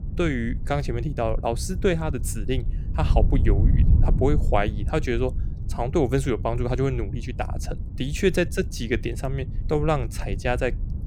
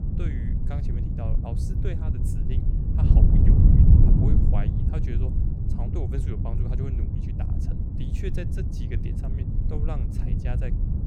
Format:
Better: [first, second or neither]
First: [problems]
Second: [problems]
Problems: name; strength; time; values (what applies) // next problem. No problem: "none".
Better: first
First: wind noise on the microphone; occasional gusts; 15 dB below the speech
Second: wind noise on the microphone; heavy; 5 dB above the speech